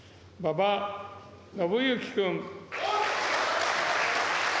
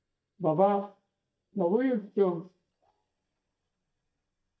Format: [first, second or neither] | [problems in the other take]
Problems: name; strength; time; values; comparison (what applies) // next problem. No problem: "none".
first | noise reduction (neural mask model DeepFilterNet 3)